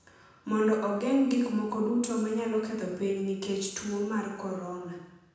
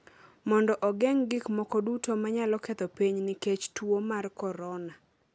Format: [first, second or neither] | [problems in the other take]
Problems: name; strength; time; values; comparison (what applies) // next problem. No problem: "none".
second | room echo; dies away in 1 s